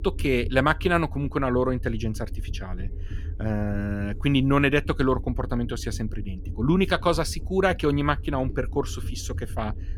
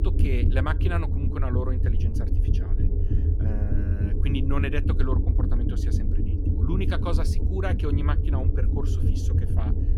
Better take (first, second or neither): first